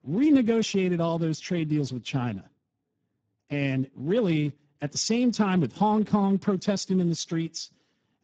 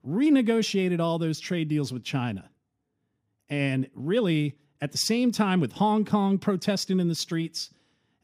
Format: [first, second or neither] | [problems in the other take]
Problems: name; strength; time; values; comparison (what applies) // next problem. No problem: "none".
second | garbled, watery; badly